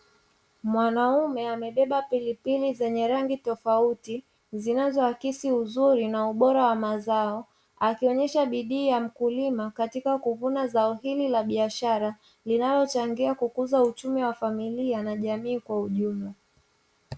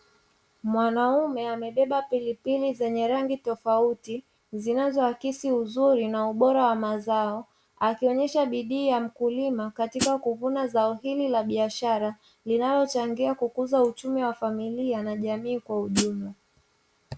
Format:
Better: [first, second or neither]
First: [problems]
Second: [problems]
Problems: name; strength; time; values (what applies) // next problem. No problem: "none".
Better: first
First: none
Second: background sound (Hi-hat); 3 dB below the speech